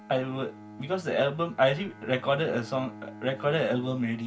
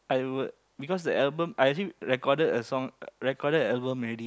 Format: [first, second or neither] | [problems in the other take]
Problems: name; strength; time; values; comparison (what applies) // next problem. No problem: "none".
second | background sound (Bowed string instrument); 18 dB below the speech // room echo; dies away in 0.2 s